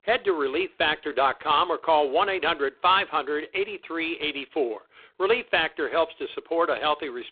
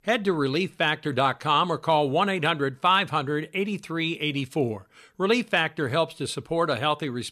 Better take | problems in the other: second | phone-call audio; poor line

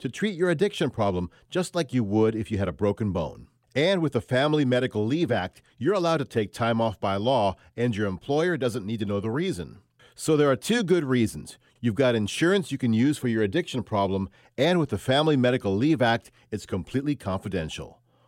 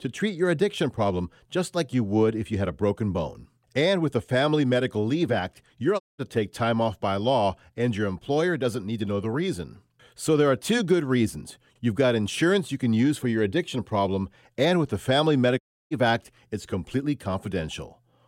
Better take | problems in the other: first | audio cutting out; at 6 s and at 16 s

